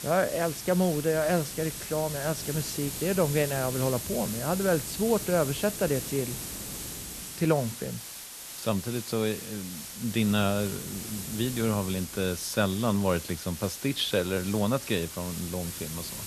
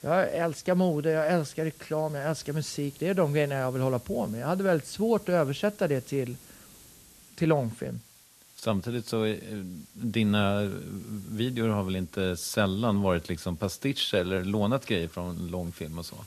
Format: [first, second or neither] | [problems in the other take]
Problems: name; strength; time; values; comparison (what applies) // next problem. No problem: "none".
second | hiss; loud; throughout; 7 dB below the speech; faint in the second